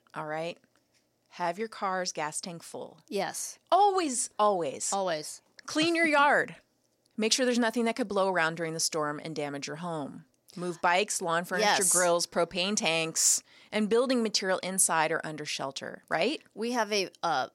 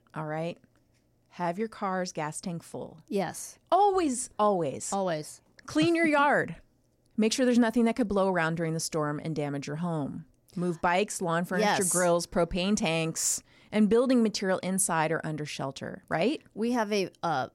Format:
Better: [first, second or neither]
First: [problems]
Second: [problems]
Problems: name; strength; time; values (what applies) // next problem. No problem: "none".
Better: second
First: thin; very slightly; fading below 500 Hz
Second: none